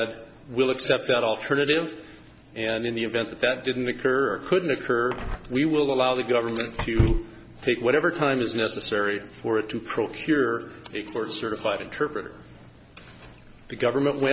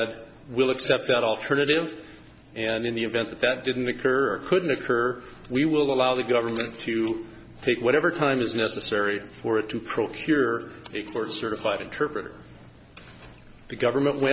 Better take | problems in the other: second | background sound (Door / Car); 4 dB below the speech

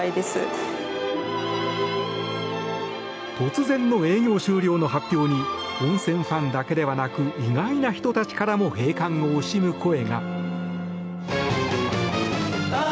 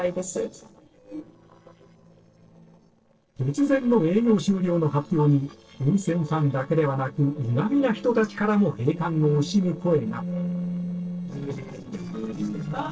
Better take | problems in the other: first | noise reduction (neural separator model SepFormer DNS4)

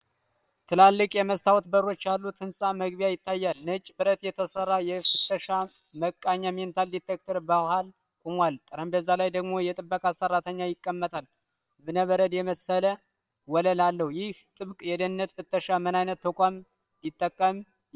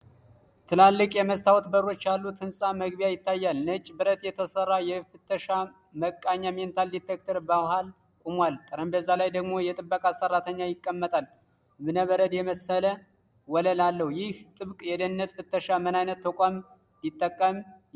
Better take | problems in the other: second | noise reduction (neural separator model SepFormer WHAM!)

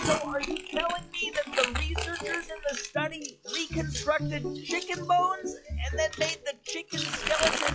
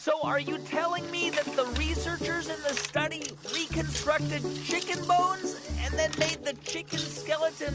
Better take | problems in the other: second | noise reduction (classical method log-MMSE)

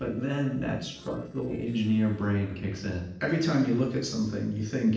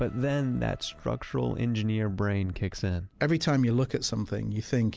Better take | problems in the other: second | noise reduction (neural separator model SepFormer DNS4)

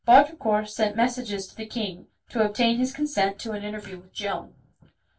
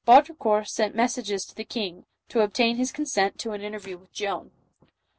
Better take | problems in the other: second | room echo; dies away in 0.2 s

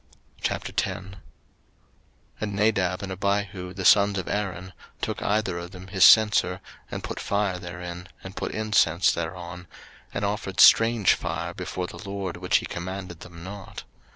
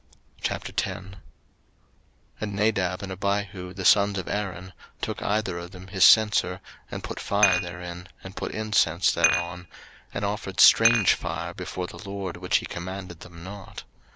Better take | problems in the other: first | background sound (Dishes, pots, and pans); 2 dB below the speech

